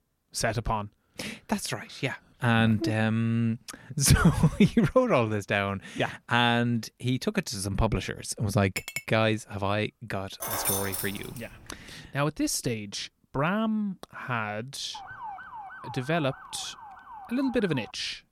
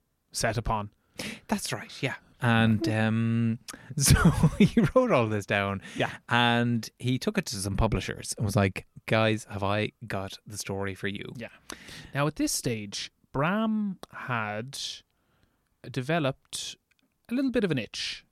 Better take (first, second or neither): second